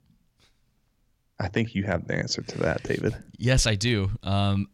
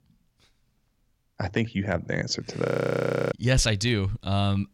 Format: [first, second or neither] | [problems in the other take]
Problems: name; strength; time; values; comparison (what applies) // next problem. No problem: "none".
first | audio freezing; at 2.5 s for 0.5 s